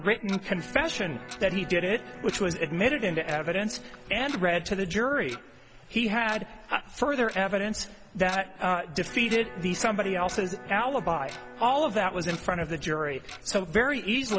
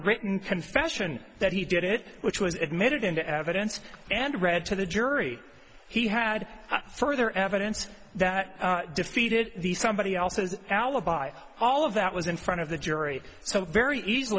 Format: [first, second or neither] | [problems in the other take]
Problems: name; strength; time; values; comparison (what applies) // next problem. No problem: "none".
second | background sound (Tick-tock + Electric guitar); 16 dB below the speech